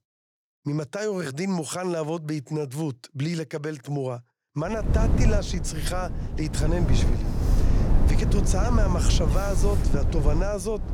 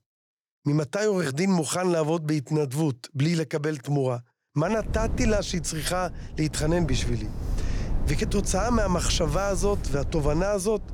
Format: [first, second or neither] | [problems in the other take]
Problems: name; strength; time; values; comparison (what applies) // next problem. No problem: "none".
second | wind noise on the microphone; heavy; from 5 s on; 5 dB below the speech; occasional gusts in the second